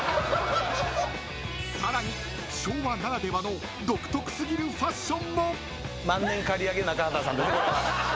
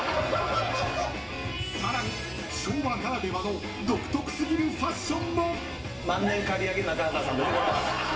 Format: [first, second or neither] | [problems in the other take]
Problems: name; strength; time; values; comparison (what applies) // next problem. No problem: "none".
first | background sound (Guitar); 17 dB below the speech // room echo; dies away in 0.5 s